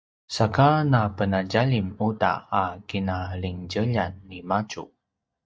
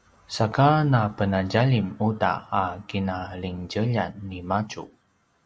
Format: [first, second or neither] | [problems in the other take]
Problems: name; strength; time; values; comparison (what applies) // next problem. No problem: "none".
second | noise reduction (neural mask model DeepFilterNet 3)